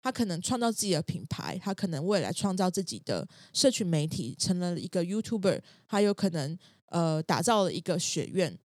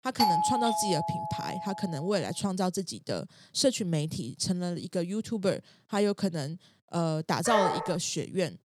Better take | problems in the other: first | doorbell; loud; until 1.5 s; peak 5 dB above the speech // dog barking; loud; at 7.5 s; peak 2 dB above the speech

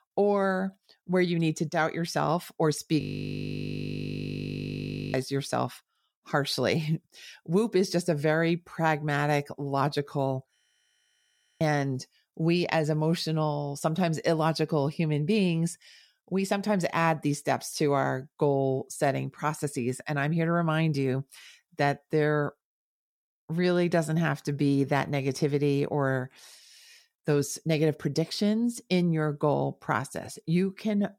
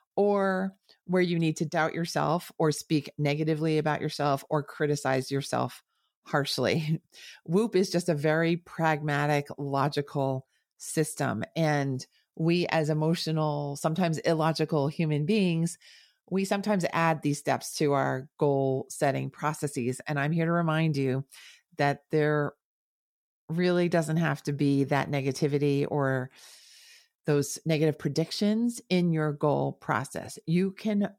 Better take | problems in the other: second | audio freezing; at 3 s for 2 s and at 11 s for 1 s

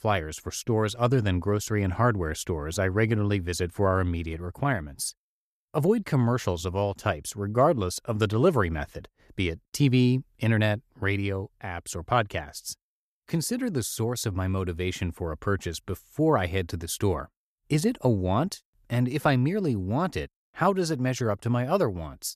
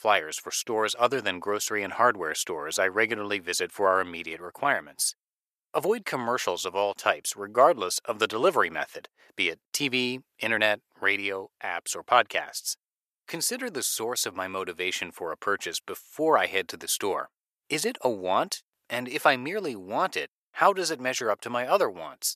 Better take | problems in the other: first | thin; very; fading below 550 Hz

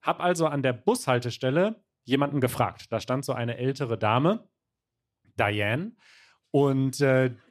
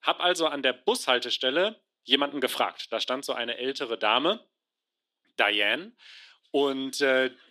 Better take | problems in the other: first | thin; somewhat; fading below 300 Hz

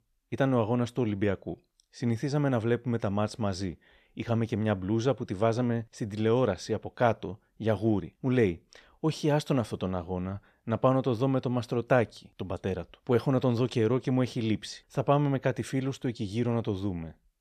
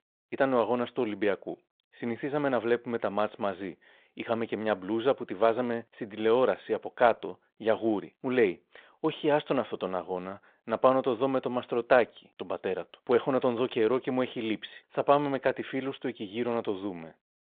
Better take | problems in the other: first | phone-call audio; nothing above 3.5 kHz

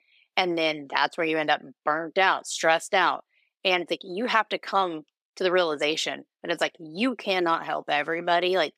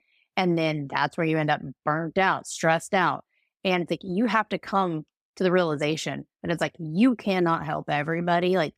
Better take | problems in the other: second | thin; somewhat; fading below 400 Hz

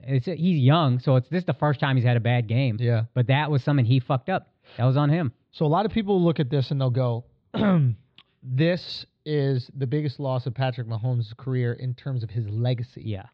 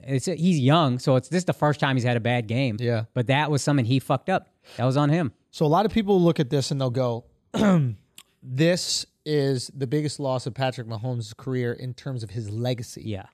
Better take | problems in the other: second | muffled; slightly; fading above 4 kHz

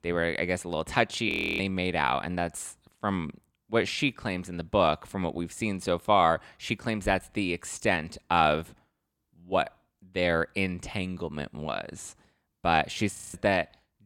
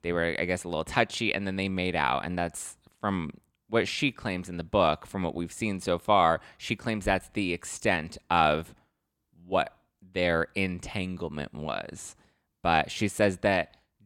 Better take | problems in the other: second | audio freezing; at 1.5 s and at 13 s

